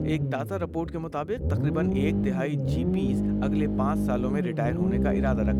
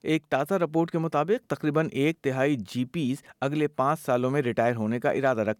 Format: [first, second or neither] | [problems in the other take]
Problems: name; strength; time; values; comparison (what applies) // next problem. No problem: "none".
second | low rumble; loud; throughout; 1 dB below the speech